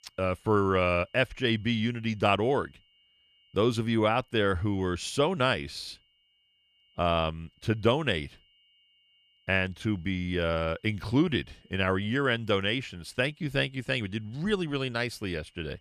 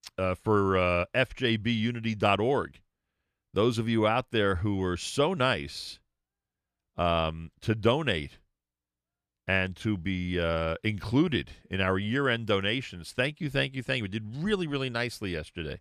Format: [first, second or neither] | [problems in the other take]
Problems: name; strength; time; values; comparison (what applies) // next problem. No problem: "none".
second | high-pitched whine; faint; throughout; 3 kHz, 35 dB below the speech